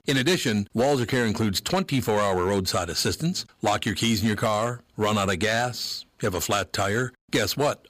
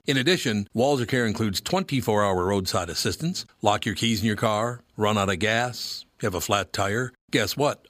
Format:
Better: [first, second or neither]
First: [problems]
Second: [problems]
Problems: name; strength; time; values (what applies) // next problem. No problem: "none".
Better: second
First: distortion; slight; 5% of the sound clipped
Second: none